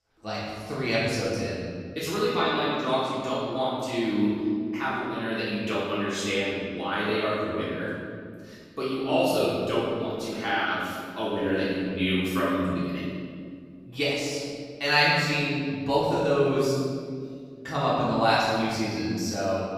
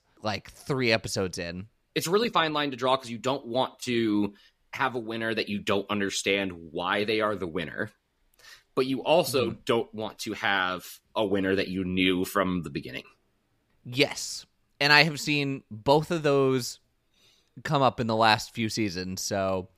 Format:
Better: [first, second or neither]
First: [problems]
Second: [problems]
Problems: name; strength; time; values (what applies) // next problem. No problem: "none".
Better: second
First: off-mic speech; far // room echo; strong; dies away in 2 s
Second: none